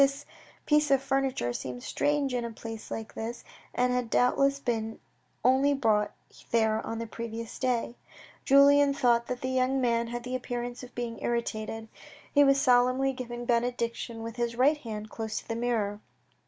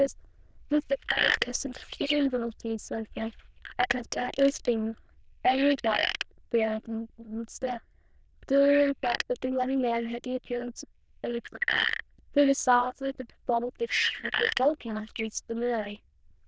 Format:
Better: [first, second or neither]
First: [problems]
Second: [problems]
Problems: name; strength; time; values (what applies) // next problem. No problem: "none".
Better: first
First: none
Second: noise reduction (neural diffusion model UNIVERSE++)